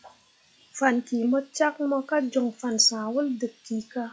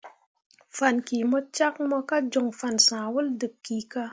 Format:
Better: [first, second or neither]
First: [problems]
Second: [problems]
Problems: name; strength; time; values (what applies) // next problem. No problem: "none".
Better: second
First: noise reduction (classical method log-MMSE)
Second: none